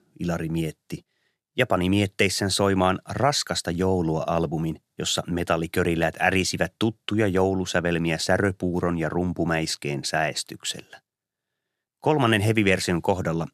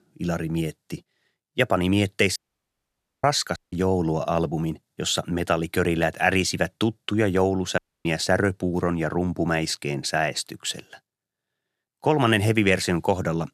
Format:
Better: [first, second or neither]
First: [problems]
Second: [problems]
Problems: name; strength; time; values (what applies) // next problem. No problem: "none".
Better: first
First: none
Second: audio cutting out; at 2.5 s for 1 s, at 3.5 s and at 8 s